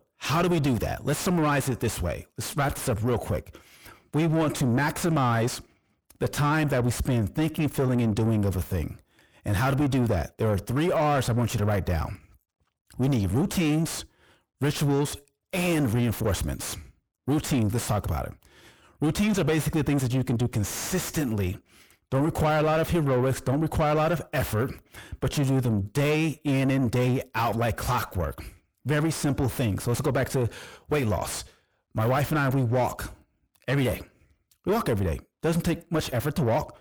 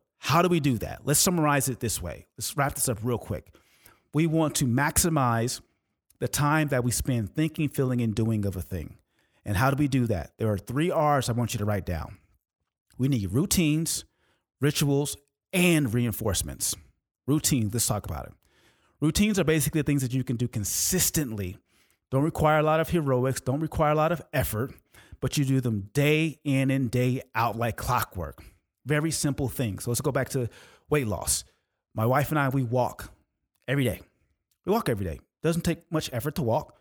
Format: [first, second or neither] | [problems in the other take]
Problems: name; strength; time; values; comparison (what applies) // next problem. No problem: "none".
second | distortion; heavy; 6 dB below the speech